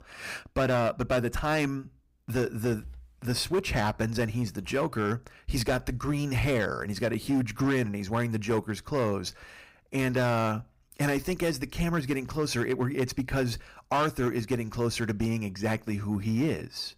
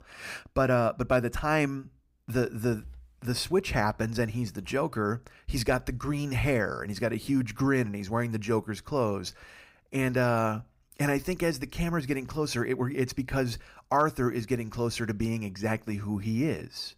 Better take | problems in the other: second | distortion; slight; 7% of the sound clipped

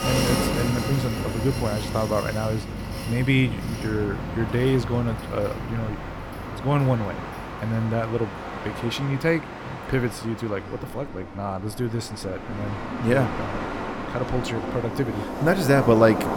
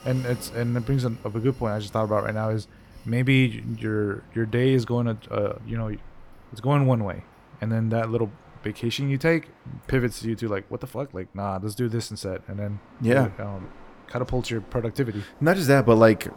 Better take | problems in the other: second | train or aircraft noise; loud; throughout; 5 dB below the speech; faint in the second

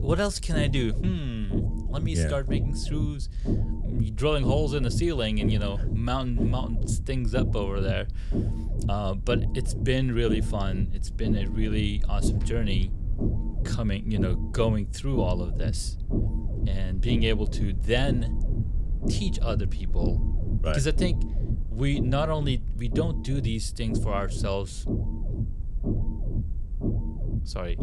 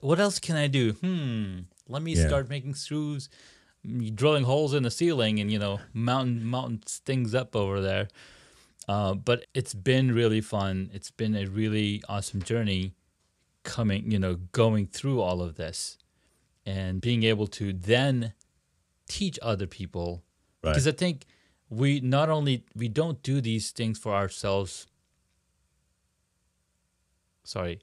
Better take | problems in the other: second | low rumble; loud; throughout; 8 dB below the speech

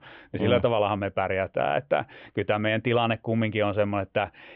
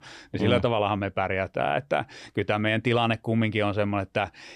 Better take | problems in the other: second | muffled; very slightly; fading above 3 kHz

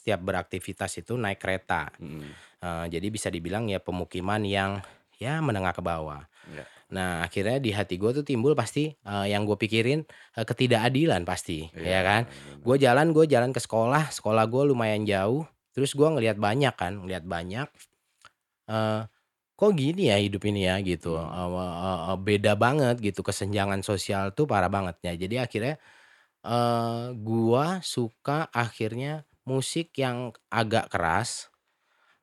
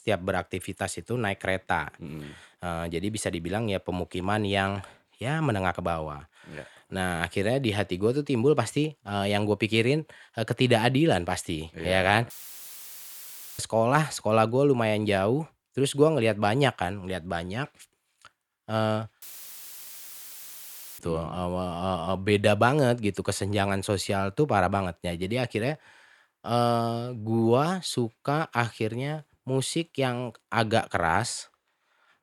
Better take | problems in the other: first | audio cutting out; filled with static; at 12 s for 1.5 s and at 19 s for 2 s

